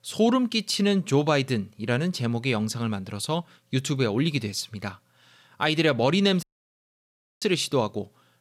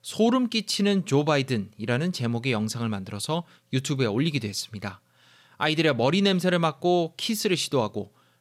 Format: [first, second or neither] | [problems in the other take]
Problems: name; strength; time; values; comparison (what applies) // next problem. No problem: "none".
second | audio cutting out; at 6.5 s for 1 s